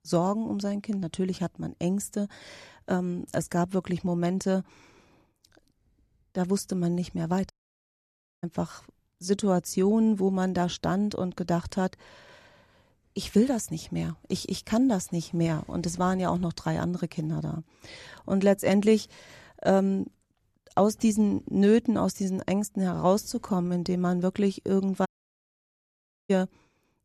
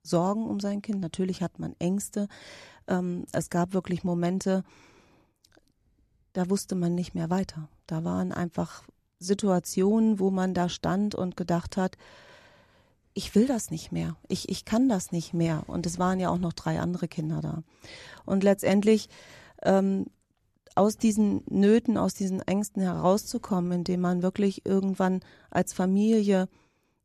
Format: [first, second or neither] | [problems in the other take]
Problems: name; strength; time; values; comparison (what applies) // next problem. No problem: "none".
second | audio cutting out; at 7.5 s for 1 s and at 25 s for 1 s